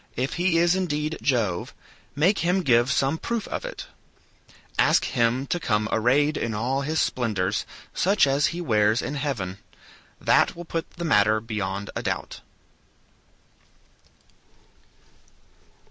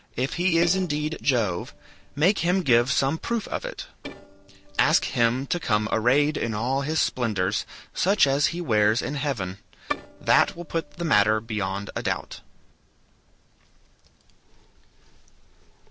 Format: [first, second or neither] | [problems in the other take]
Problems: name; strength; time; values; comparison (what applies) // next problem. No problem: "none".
first | noise reduction (neural separator model SepFormer DNS4)